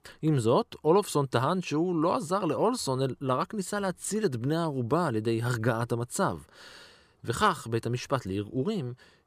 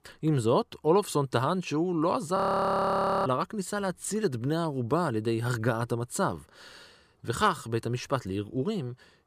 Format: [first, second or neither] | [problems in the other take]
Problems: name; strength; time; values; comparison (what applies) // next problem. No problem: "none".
first | audio freezing; at 2.5 s for 1 s